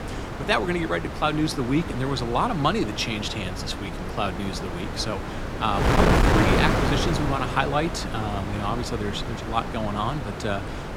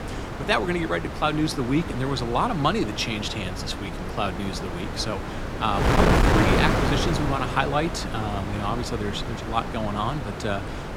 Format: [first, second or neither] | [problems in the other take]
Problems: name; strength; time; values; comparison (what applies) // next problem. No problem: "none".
neither | wind noise on the microphone; heavy; 2 dB below the speech; the same in both